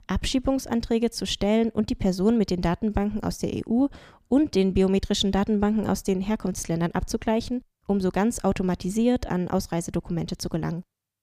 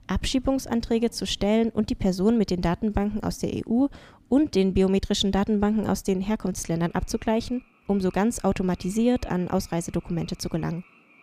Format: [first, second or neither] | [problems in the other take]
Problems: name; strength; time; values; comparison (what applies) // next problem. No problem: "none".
first | animal sounds; faint; throughout; 30 dB below the speech